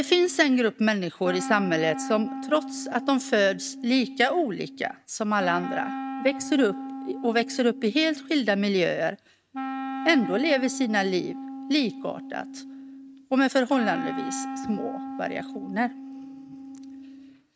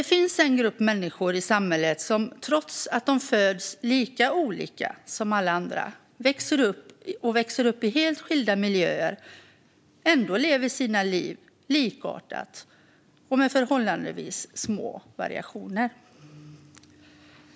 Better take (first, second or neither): second